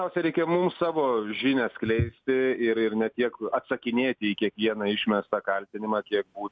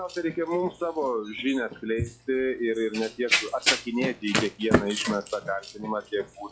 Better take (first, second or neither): first